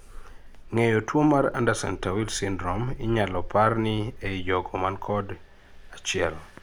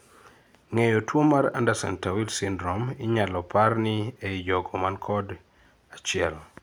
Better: second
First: background sound (Engine); 12 dB below the speech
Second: none

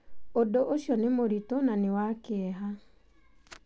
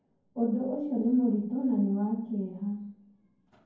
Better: first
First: none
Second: room echo; dies away in 0.9 s

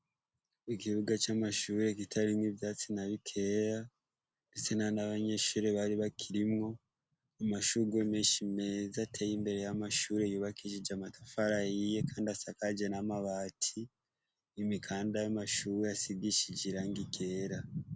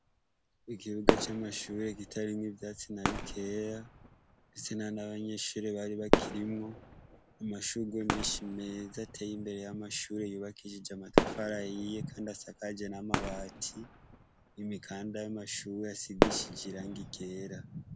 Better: first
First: none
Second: background sound (Fireworks); 2 dB above the speech

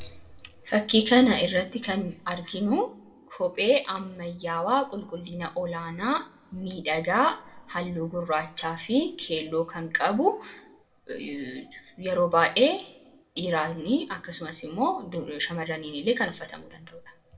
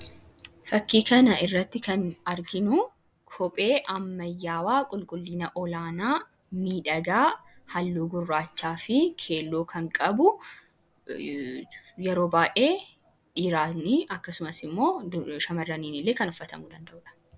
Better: second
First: room echo; dies away in 0.5 s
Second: none

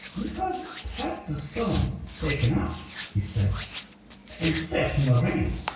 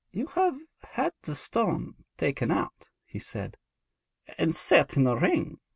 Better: second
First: background sound (Hands); 13 dB below the speech // room echo; dies away in 0.6 s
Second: none

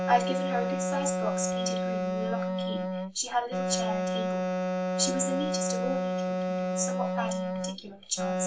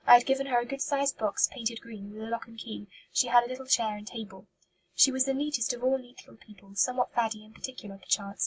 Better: second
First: background sound (Wind instrument, woodwind instrument); 4 dB above the speech // room echo; dies away in 0.3 s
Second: none

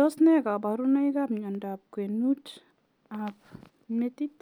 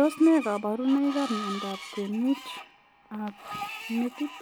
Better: first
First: none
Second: background sound (Screech); 12 dB below the speech

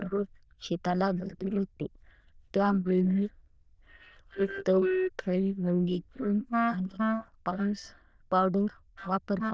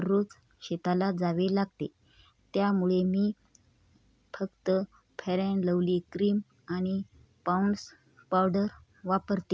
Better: second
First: noise reduction (neural diffusion model UNIVERSE++)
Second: none

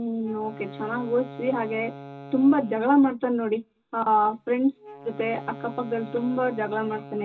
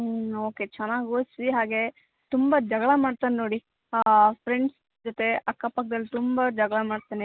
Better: second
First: background sound (Wind instrument, woodwind instrument); 16 dB below the speech // room echo; dies away in 0.2 s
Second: none

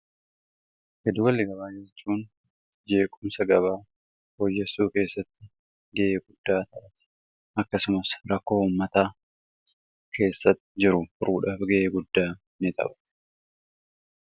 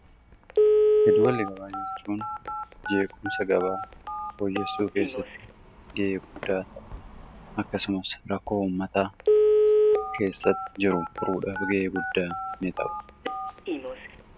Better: first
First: none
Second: background sound (Telephone); 3 dB above the speech

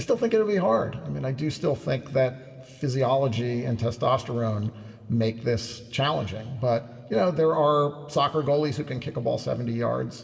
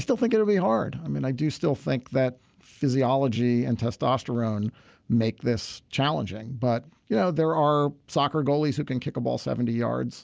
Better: second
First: room echo; dies away in 1.7 s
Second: none

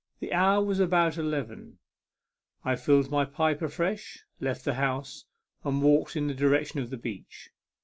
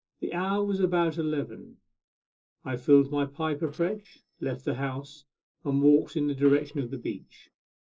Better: first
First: none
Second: noise reduction (neural separator model SepFormer DNS4)

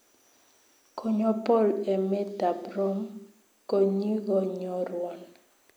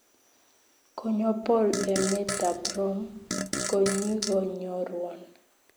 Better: first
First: none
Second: background sound (Fart); 5 dB below the speech

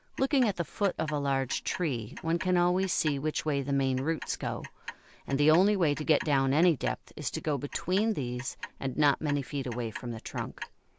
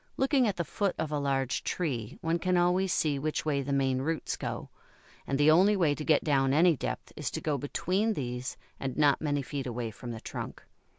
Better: second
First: background sound (Clock); 17 dB below the speech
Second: none

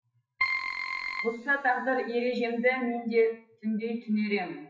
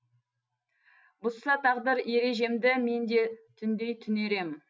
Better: second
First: noise reduction (classical method WPE with log-MMSE)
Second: none

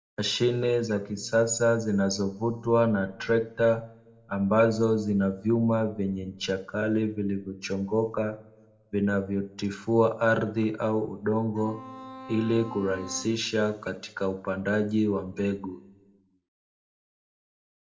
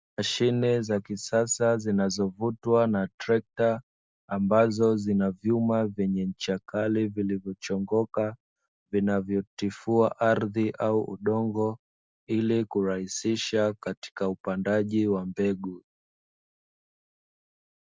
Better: second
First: background sound (Bowed string instrument); 15 dB below the speech // room echo; dies away in 0.4 s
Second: none

